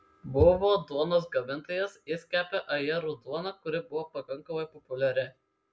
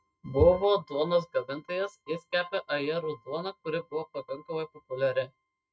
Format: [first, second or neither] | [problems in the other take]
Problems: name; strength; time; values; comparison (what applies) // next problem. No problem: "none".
first | noise reduction (neural mask model RNNoise)